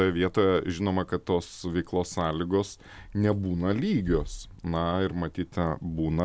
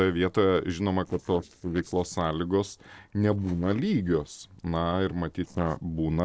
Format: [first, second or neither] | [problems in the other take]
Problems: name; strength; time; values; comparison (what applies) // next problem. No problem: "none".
first | noise reduction (neural separator model SepFormer DNS4)